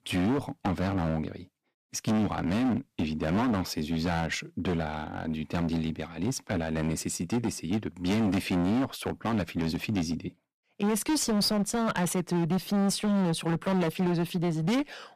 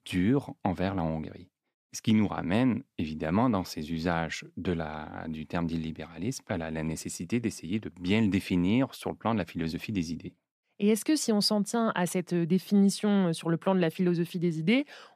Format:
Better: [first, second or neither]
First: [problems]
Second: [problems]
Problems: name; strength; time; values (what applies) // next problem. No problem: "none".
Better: second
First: distortion; heavy; 19% of the sound clipped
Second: none